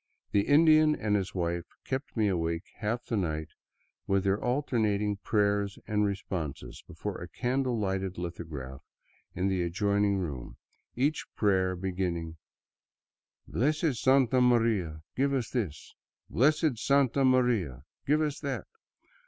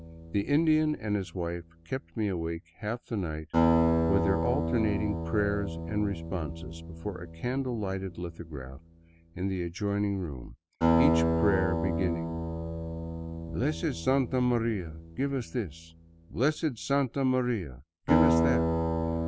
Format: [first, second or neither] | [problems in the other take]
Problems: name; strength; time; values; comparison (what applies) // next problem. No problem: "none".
first | background sound (Acoustic guitar); 1 dB below the speech